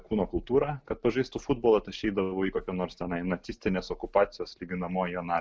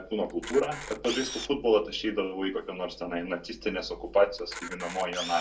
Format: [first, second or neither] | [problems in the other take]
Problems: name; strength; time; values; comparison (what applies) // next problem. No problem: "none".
first | background sound (Camera); 13 dB below the speech // room echo; dies away in 0.2 s